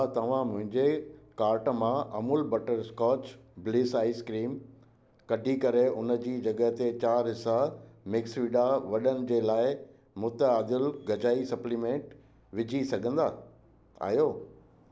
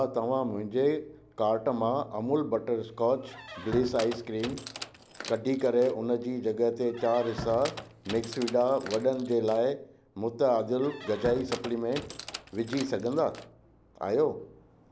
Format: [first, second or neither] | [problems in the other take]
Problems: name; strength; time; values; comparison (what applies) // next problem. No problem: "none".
first | background sound (Squeak); 13 dB below the speech